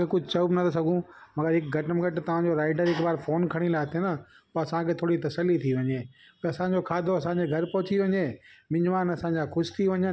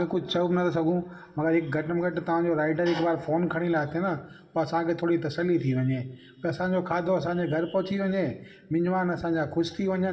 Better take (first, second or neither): first